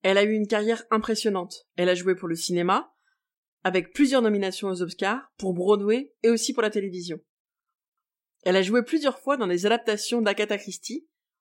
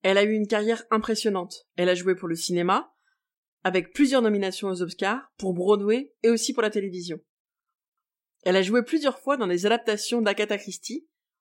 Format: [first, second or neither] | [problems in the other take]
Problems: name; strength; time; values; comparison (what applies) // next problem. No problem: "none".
neither | none